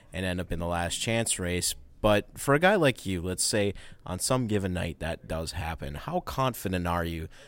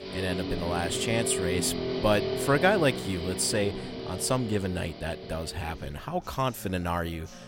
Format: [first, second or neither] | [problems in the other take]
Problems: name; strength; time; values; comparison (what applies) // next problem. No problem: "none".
first | background music; loud; throughout; 5 dB below the speech